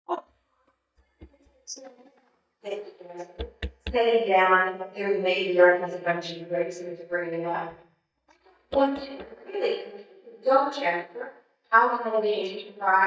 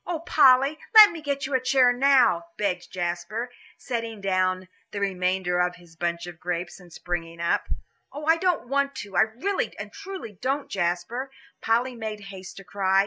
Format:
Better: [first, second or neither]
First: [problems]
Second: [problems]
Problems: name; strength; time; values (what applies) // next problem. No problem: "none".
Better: second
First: noise reduction (neural mask model DeepFilterNet 3)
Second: none